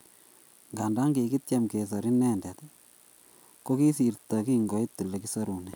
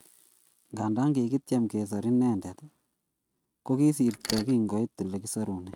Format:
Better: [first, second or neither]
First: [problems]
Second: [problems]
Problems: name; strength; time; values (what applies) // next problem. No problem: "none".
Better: first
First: none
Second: noise reduction (neural mask model RNNoise)